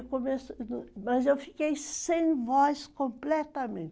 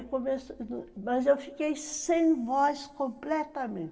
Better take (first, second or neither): first